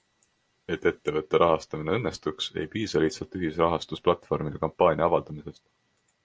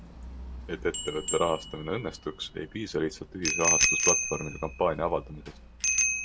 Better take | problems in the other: first | background sound (Bicycle bell); 1 dB above the speech

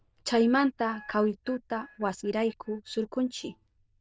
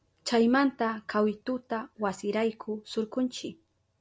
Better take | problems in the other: second | noise reduction (neural diffusion model UNIVERSE++)

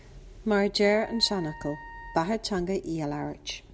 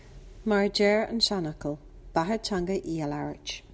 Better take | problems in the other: second | background sound (Wind instrument, woodwind instrument); 18 dB below the speech

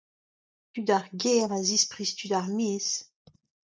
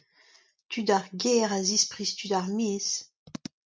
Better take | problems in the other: second | noise reduction (neural mask model DeepFilterNet 3)

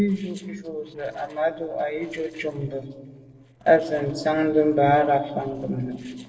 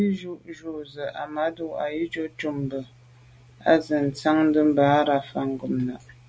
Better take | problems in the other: second | noise reduction (neural separator model SepFormer DNS4)

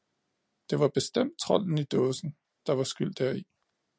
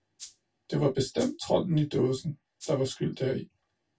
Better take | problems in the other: first | background sound (Rattle (instrument)); 18 dB below the speech // room echo; dies away in 0.1 s

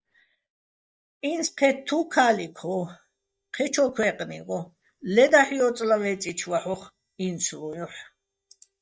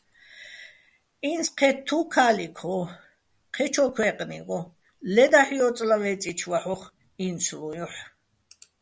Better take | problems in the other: second | noise reduction (neural mask model DeepFilterNet 3)

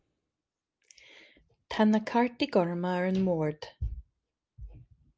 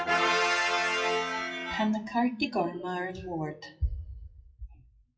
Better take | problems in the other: first | noise reduction (classical method WPE with log-MMSE)

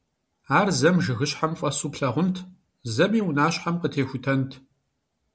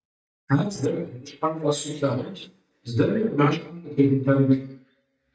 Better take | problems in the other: first | noise reduction (neural mask model DeepFilterNet 3)

